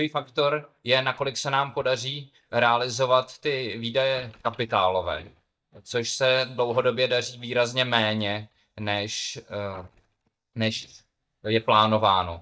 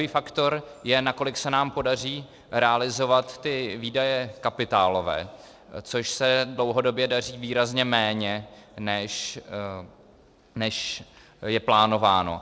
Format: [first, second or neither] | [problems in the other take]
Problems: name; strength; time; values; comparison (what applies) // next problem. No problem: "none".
second | noise reduction (neural mask model DeepFilterNet 3)